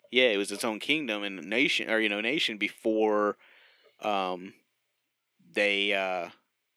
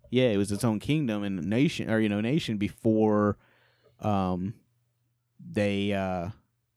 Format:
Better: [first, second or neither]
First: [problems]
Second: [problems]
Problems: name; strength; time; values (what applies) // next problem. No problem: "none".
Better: second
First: thin; somewhat; fading below 350 Hz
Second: none